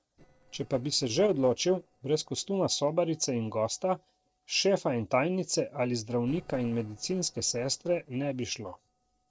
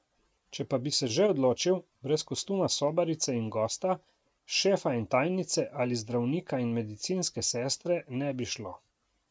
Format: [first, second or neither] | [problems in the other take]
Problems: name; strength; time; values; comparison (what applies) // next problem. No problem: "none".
second | noise reduction (neural separator model SepFormer DNS4)